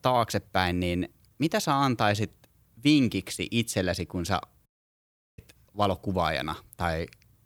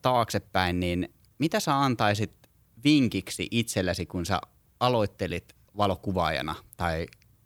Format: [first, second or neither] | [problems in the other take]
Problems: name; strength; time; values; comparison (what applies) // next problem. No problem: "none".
second | audio cutting out; at 4.5 s for 0.5 s